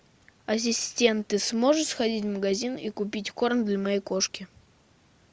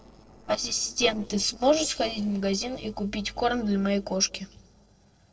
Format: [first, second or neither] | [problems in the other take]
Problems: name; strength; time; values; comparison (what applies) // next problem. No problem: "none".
first | noise reduction (neural separator model SepFormer DNS4)